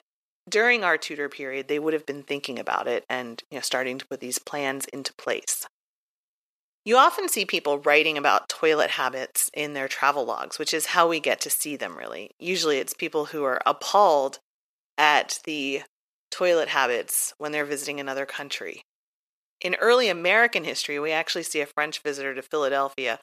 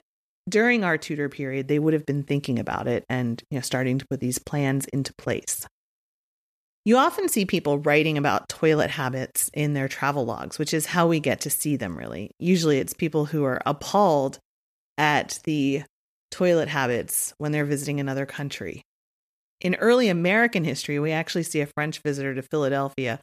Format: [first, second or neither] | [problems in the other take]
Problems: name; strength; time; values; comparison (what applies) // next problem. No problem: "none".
second | thin; somewhat; fading below 500 Hz